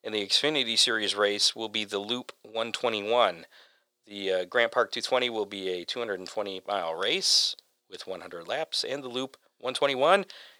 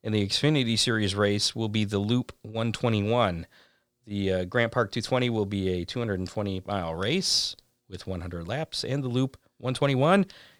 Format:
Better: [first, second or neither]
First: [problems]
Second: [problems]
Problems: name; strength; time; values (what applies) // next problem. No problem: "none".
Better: second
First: thin; very; fading below 550 Hz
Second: none